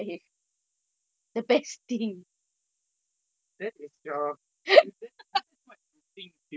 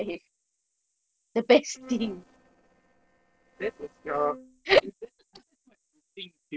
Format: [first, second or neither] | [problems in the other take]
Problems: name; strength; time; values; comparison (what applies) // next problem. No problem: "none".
first | noise reduction (neural separator model SepFormer DNS4)